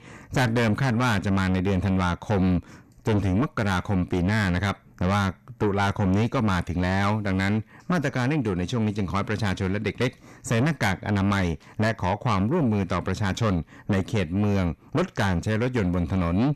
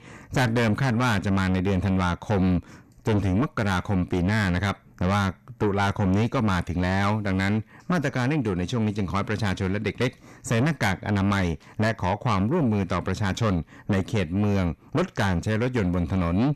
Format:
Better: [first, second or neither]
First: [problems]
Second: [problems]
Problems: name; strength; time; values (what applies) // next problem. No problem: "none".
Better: neither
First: distortion; heavy; 6 dB below the speech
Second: distortion; heavy; 6 dB below the speech